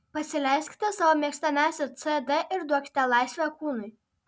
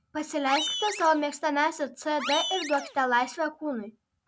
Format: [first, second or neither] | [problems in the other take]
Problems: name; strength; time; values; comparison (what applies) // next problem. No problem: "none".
first | background sound (Animal); 8 dB below the speech